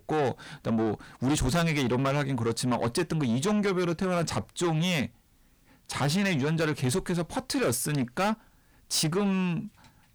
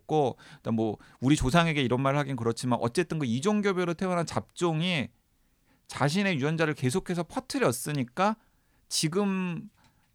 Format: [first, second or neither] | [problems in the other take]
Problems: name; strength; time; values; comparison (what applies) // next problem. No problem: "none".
second | distortion; heavy; 7 dB below the speech